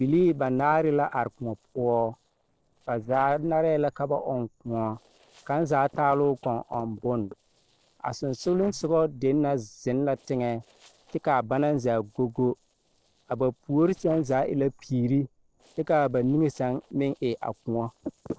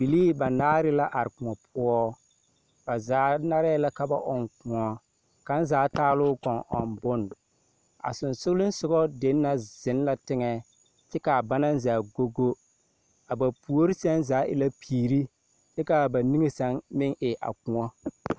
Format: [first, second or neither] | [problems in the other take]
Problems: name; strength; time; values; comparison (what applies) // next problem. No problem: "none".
second | noise reduction (neural separator model SepFormer DNS4)